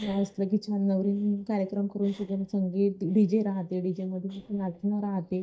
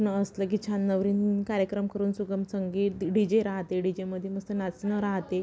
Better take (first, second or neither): second